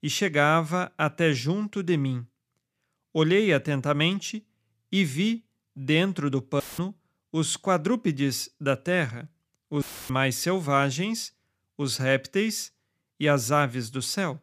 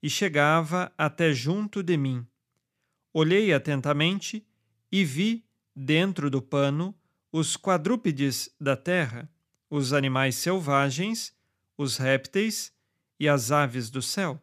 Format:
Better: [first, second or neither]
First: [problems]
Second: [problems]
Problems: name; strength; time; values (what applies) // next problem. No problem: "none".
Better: second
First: audio cutting out; filled with static; at 6.5 s and at 10 s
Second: none